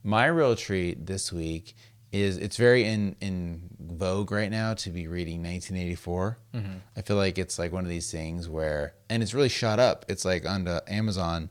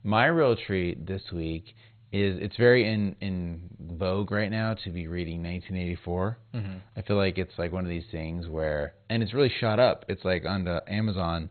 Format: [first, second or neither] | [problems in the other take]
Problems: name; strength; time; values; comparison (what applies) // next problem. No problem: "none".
first | garbled, watery; badly; nothing above 4 kHz